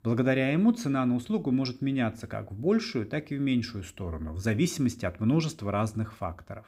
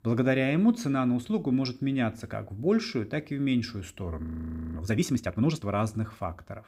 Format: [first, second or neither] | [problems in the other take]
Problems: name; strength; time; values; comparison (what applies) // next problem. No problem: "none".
first | audio freezing; at 4 s for 0.5 s